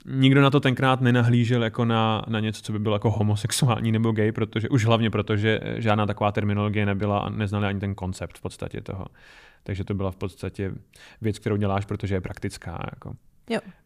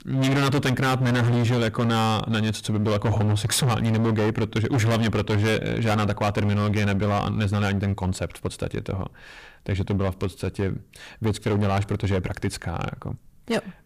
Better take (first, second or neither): first